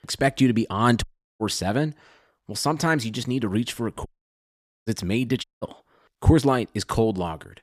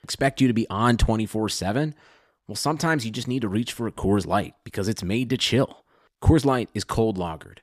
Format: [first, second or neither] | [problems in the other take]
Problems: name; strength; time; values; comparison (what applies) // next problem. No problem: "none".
second | audio cutting out; at 1 s, at 4 s for 1 s and at 5.5 s